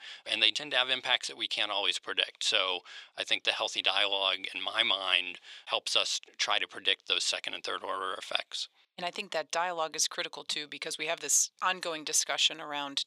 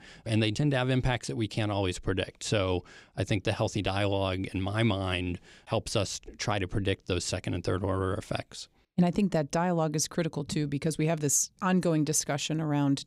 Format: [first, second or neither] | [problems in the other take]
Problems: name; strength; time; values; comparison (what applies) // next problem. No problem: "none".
second | thin; very; fading below 750 Hz